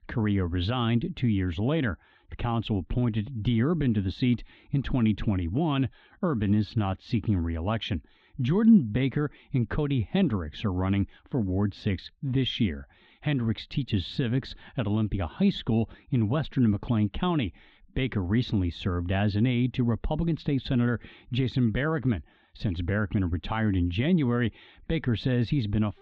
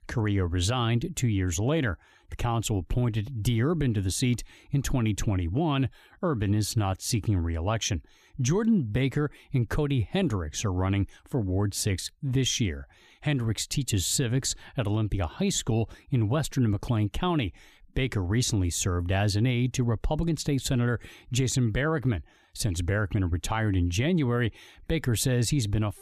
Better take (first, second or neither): second